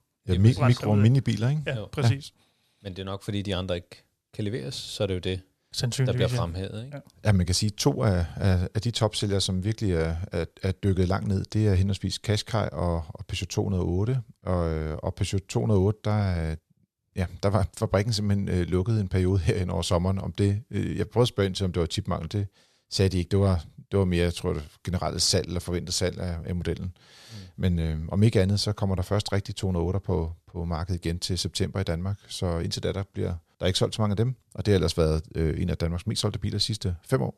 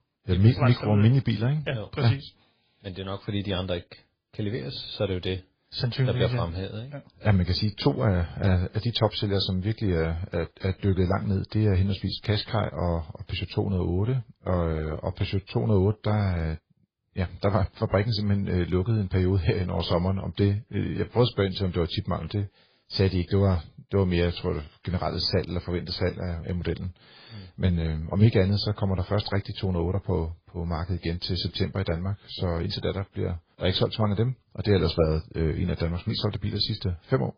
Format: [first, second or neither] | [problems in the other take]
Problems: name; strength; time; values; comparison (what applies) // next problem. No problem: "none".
first | garbled, watery; badly; nothing above 5 kHz